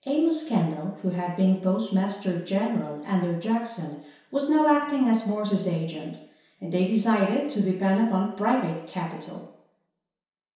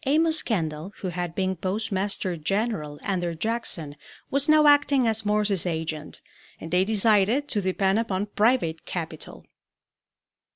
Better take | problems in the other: second | room echo; dies away in 0.7 s

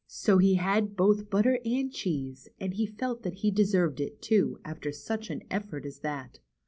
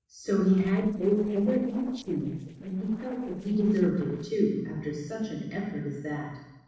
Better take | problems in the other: first | noise reduction (neural separator model SepFormer DNS4)

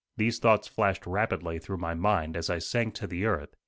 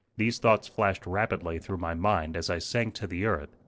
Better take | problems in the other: first | noise reduction (neural separator model SepFormer DNS4)

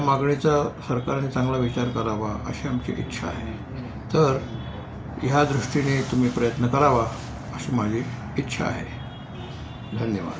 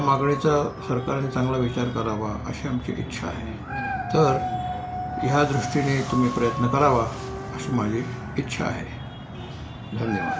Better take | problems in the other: first | background sound (Dog); 9 dB below the speech

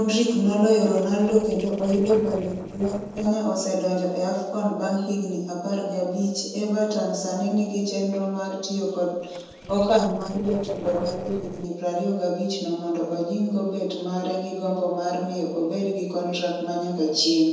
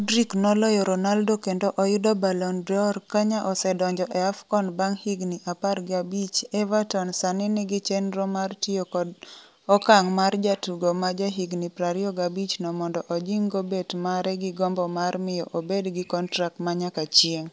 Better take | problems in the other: second | noise reduction (neural separator model SepFormer DNS4)

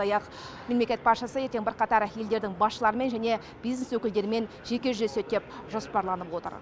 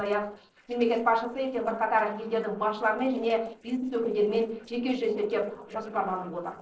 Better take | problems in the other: first | noise reduction (neural separator model SepFormer DNS4)

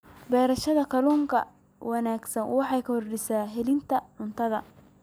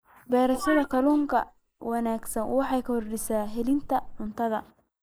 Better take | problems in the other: first | noise reduction (neural mask model Resemble Enhance denoiser)

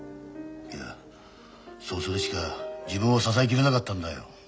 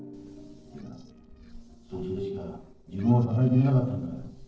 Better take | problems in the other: first | noise reduction (neural separator model SepFormer DNS4)

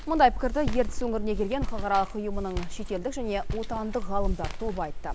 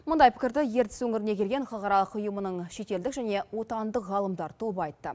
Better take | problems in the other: second | background sound (Walk, footsteps); 2 dB below the speech

